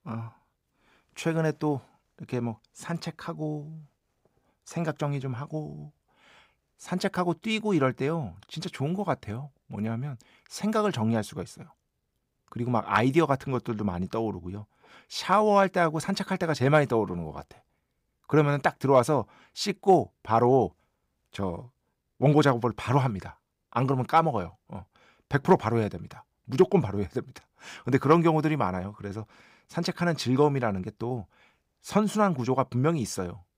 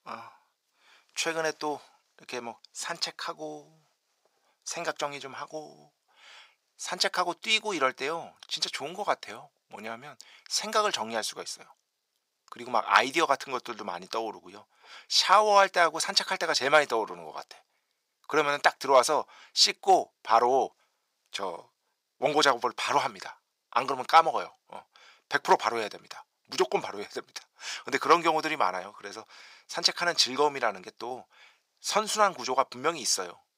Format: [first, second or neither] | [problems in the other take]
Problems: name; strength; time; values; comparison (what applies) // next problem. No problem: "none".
first | thin; very; fading below 650 Hz